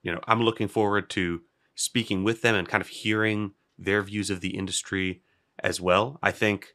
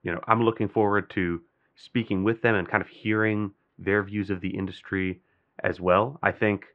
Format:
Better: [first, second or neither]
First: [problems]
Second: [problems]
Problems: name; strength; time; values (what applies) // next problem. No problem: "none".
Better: first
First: none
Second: muffled; very; fading above 2 kHz